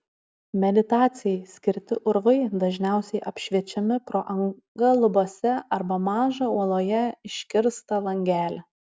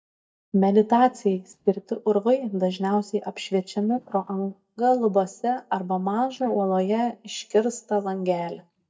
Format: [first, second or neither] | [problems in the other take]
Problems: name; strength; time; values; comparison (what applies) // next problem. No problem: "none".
first | noise reduction (neural mask model DeepFilterNet 3)